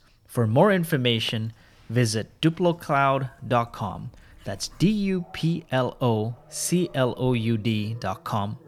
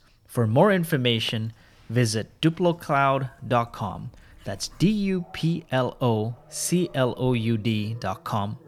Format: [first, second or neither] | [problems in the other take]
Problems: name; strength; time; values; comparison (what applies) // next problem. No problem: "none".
neither | animal sounds; faint; throughout; 30 dB below the speech; the same in both